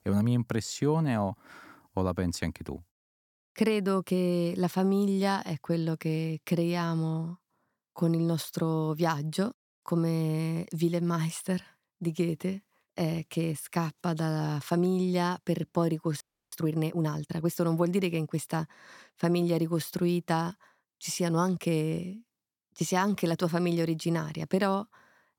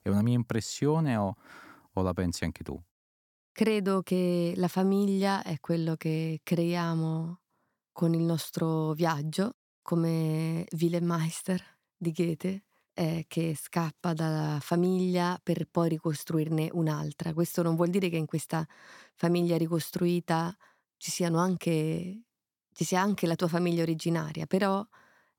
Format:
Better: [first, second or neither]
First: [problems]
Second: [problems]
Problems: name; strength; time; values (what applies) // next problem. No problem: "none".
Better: second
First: audio freezing; at 16 s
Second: none